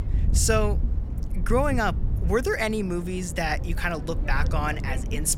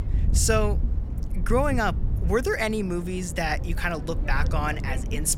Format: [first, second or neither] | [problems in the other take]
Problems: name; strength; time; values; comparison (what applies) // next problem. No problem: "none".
neither | wind noise on the microphone; occasional gusts; 15 dB below the speech; the same in both